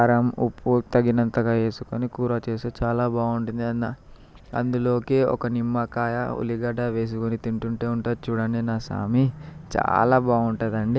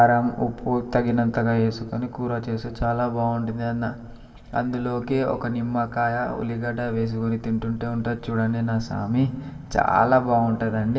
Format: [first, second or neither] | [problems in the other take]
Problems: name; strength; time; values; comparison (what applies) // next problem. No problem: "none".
first | room echo; dies away in 1.5 s